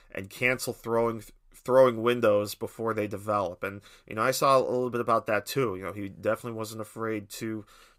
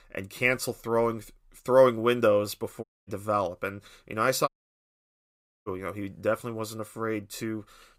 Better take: first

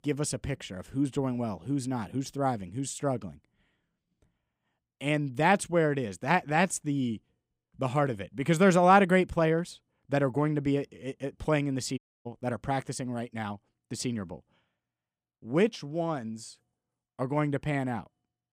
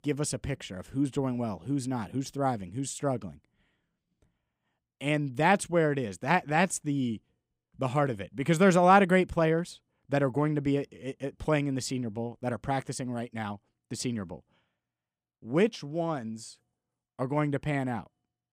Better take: second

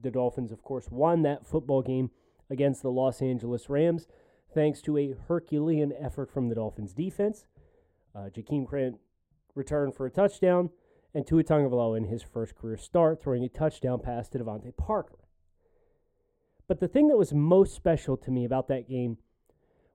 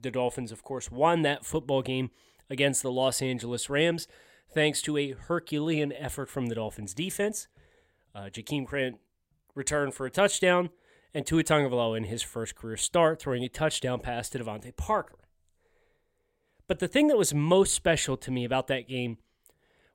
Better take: second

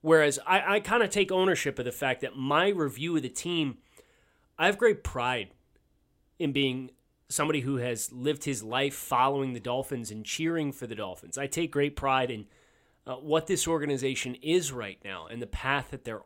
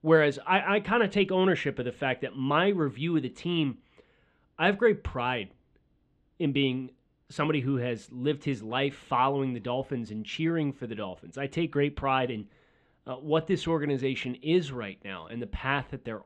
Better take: first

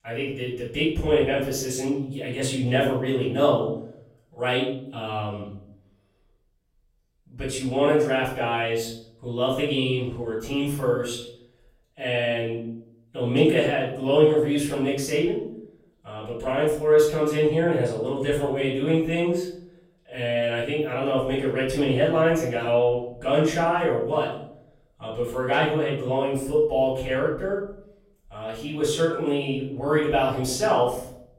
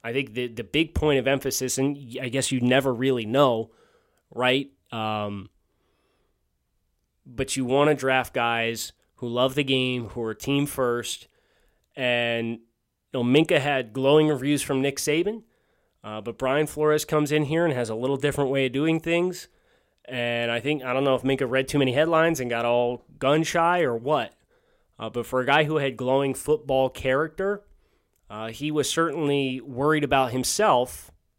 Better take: second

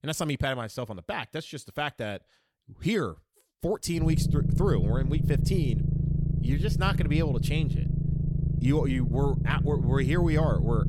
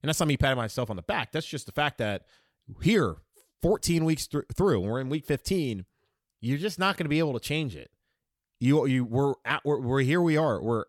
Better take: second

